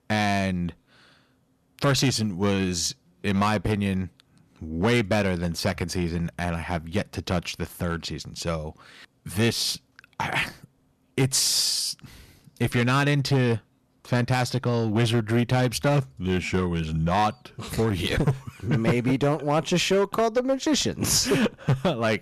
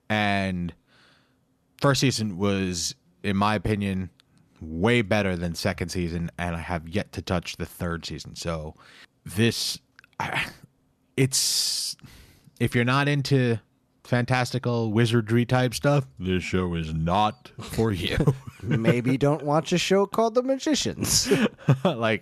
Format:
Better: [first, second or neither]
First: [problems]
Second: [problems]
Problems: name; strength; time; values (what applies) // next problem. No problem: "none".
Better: second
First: distortion; slight; 6% of the sound clipped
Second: none